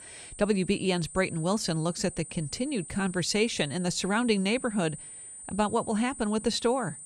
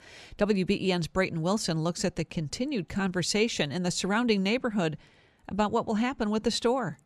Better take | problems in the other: second | high-pitched whine; noticeable; throughout; 8.5 kHz, 15 dB below the speech

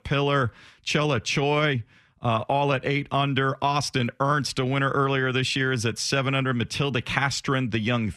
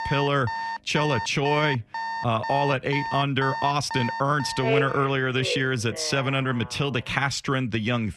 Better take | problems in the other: first | alarms or sirens; loud; throughout; 7 dB below the speech

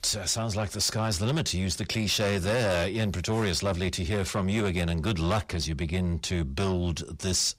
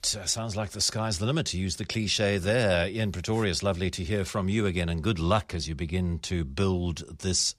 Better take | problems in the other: second | distortion; slight; 10 dB below the speech

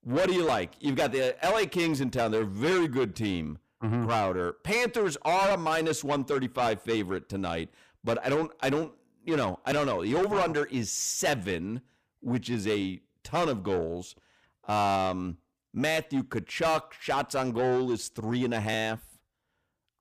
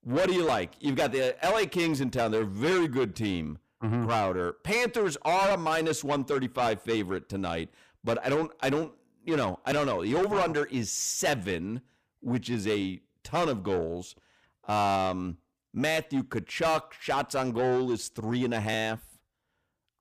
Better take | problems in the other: neither | distortion; heavy; 7 dB below the speech; the same in both

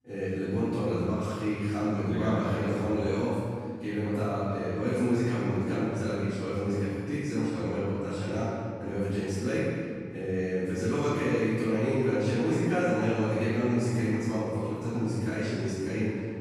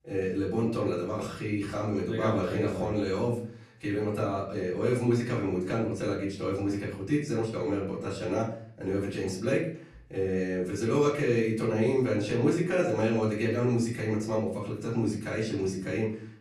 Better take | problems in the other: second | room echo; strong; dies away in 1.8 s; slight in the second // off-mic speech; far; far in the second

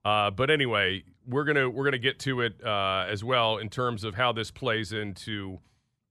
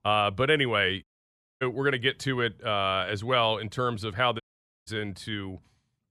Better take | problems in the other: first | audio cutting out; at 1 s for 0.5 s and at 4.5 s

